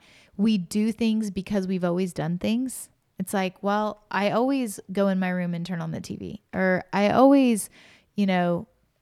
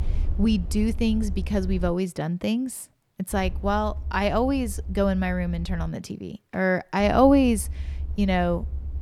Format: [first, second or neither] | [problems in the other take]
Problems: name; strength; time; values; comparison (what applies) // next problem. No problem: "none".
first | low rumble; faint; until 2 s, from 3.5 to 6 s and from 7 s on; 25 dB below the speech